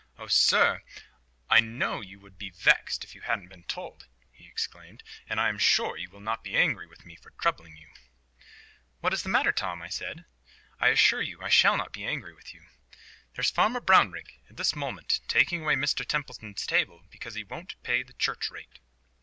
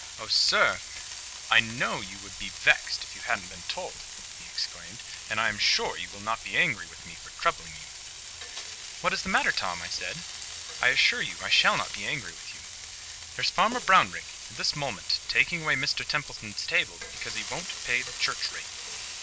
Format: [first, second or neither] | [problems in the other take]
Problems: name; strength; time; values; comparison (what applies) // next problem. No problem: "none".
first | background sound (Frying (food)); 10 dB below the speech